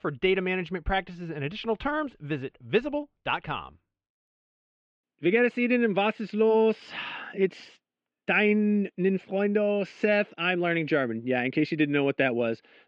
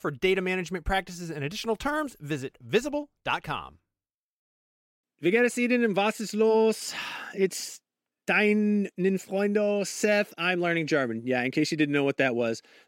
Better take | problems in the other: second | muffled; very; fading above 3 kHz

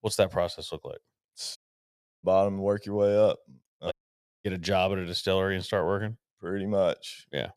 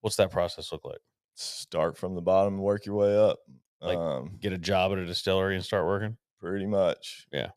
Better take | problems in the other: second | audio cutting out; at 1.5 s for 0.5 s and at 4 s for 0.5 s

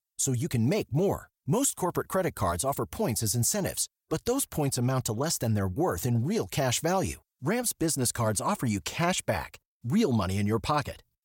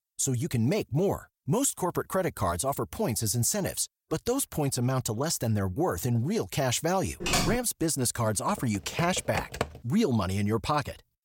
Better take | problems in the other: first | keyboard typing; loud; at 7 s; peak 2 dB above the speech // keyboard typing; noticeable; from 8.5 to 9.5 s; peak 5 dB below the speech

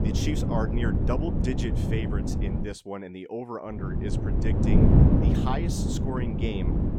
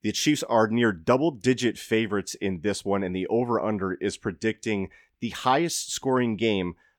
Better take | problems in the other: second | wind noise on the microphone; heavy; until 2.5 s and from 4 s on; 2 dB above the speech

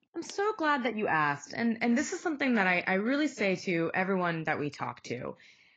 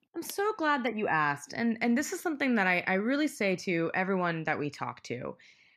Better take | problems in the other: second | garbled, watery; badly; nothing above 7.5 kHz

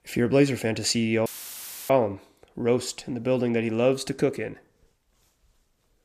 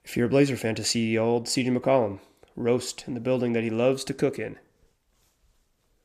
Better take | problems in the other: second | audio cutting out; filled with static; at 1.5 s for 0.5 s

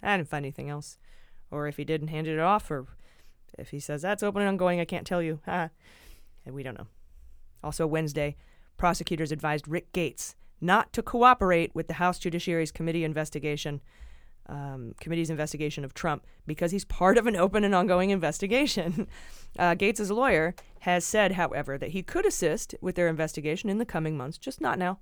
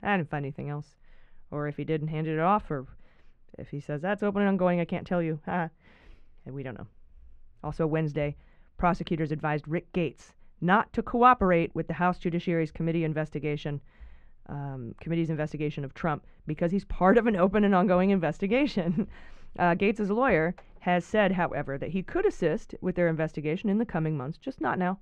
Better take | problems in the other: first | muffled; very; fading above 2.5 kHz

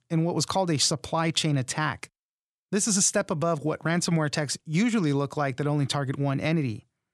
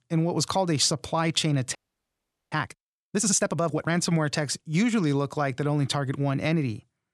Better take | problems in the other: first | audio freezing; at 2 s for 1 s

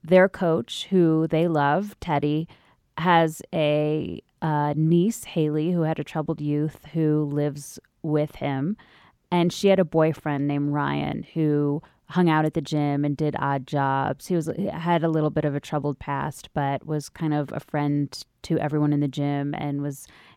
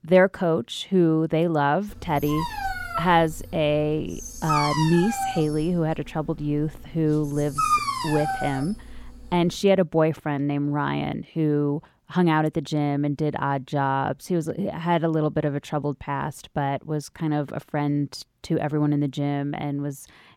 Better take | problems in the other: first | dog barking; loud; from 2 to 9 s; peak 3 dB above the speech

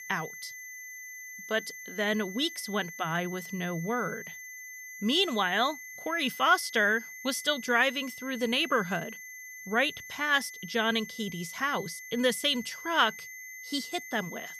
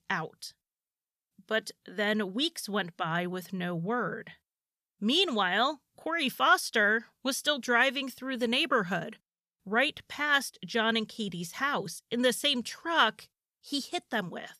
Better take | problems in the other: second | high-pitched whine; noticeable; throughout; 2 kHz, 15 dB below the speech

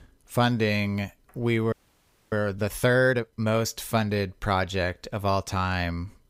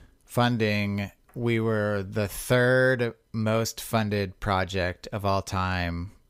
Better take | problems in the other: second | audio freezing; at 1.5 s for 0.5 s

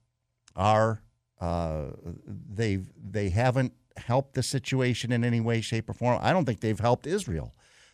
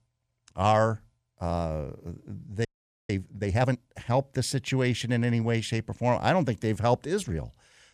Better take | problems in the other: first | audio freezing; at 2.5 s

